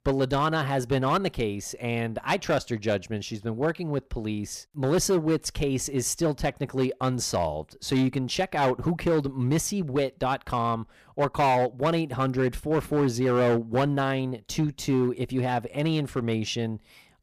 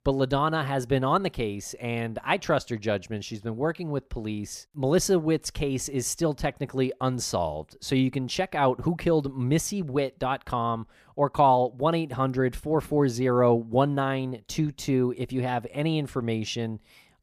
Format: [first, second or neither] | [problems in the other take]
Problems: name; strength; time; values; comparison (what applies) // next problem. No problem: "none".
second | distortion; slight; 6% of the sound clipped